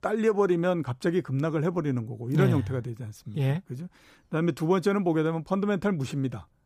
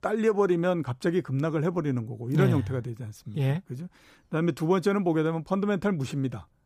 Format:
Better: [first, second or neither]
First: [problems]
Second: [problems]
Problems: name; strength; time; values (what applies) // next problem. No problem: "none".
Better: neither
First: none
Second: none